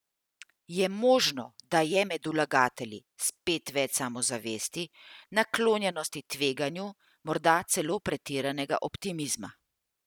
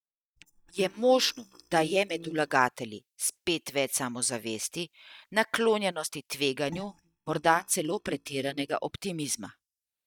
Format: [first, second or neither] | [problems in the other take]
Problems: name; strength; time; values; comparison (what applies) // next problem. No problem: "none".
first | noise reduction (neural mask model DeepFilterNet 3)